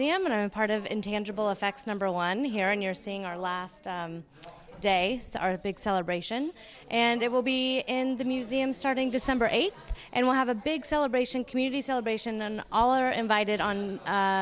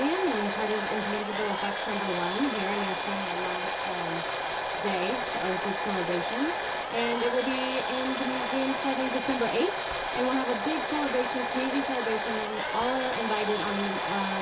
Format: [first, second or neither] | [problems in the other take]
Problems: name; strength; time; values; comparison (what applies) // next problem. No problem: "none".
first | background sound (Domestic sounds, home sounds); as loud as the speech // room echo; dies away in 0.2 s